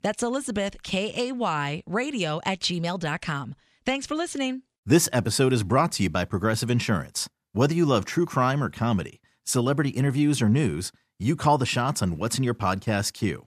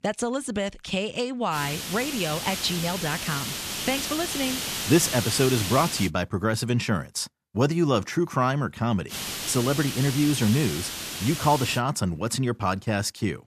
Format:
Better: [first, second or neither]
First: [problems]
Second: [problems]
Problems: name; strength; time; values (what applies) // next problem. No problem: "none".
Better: first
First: none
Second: hiss; loud; from 1.5 to 6 s and from 9 to 12 s; 4 dB below the speech